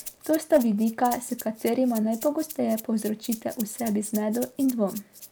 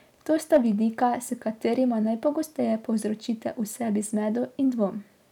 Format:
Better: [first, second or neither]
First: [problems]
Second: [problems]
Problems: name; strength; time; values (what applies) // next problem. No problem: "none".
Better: second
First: background sound (Rattle (instrument)); 16 dB below the speech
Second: none